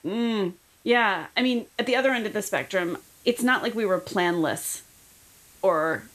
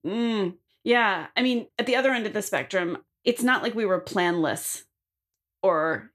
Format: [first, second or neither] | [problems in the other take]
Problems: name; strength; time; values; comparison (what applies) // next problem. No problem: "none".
second | hiss; faint; throughout; 25 dB below the speech